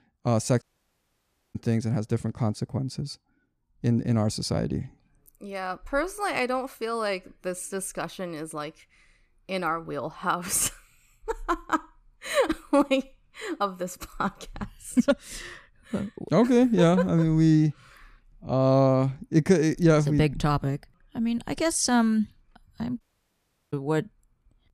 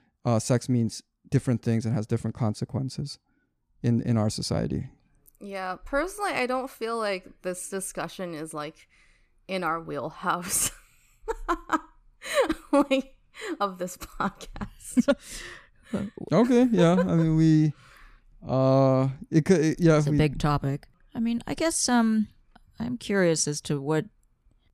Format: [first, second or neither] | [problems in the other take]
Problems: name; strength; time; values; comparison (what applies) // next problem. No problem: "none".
second | audio cutting out; at 0.5 s for 1 s and at 23 s for 0.5 s